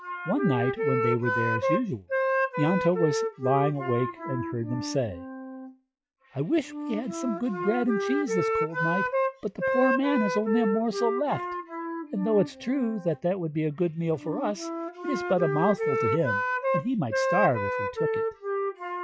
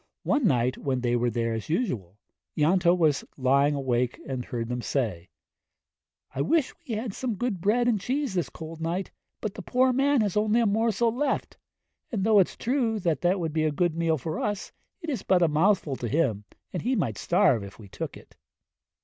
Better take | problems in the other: second | noise reduction (classical method log-MMSE)

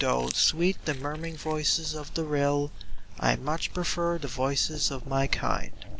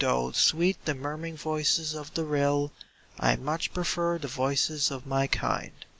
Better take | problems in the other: second | background sound (Chewing, mastication); 4 dB below the speech

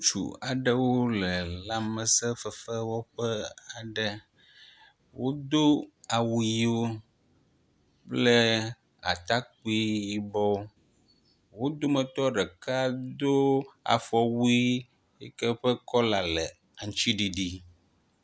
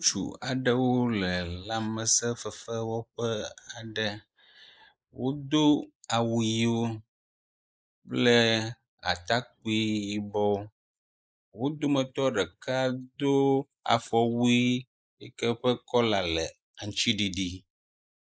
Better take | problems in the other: first | noise reduction (neural mask model Resemble Enhance denoiser)

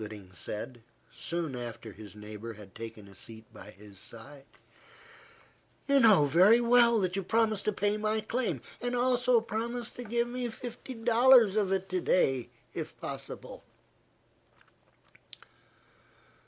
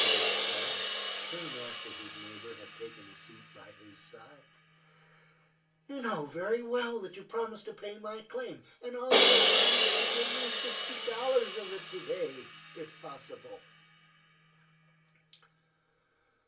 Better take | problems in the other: first | background sound (Crash cymbal); 5 dB above the speech // room echo; dies away in 0.2 s

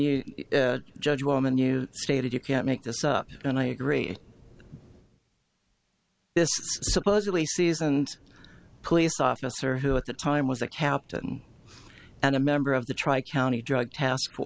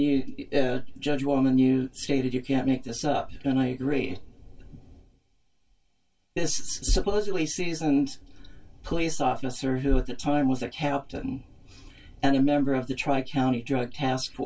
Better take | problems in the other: first | room echo; dies away in 0.1 s

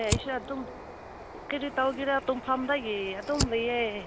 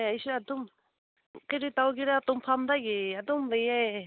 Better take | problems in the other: second | background sound (Bird + Fire); 6 dB below the speech

